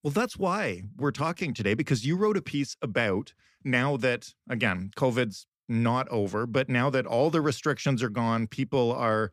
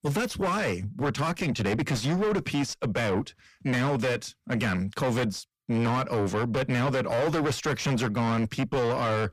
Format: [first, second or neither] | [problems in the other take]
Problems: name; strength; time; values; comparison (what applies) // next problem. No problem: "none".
first | distortion; heavy; 6 dB below the speech